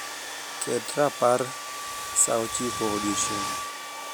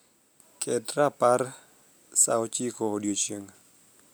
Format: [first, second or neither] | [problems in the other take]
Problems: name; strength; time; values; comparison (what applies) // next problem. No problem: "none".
second | background sound (Domestic sounds, home sounds); 5 dB below the speech